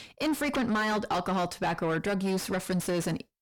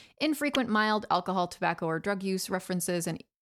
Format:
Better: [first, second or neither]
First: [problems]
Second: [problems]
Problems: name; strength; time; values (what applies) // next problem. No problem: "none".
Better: second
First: distortion; heavy; 5 dB below the speech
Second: none